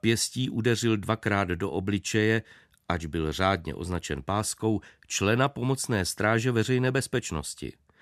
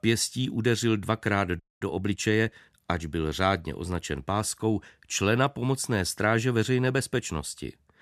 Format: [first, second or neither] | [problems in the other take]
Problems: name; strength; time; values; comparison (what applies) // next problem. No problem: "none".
first | audio freezing; at 1.5 s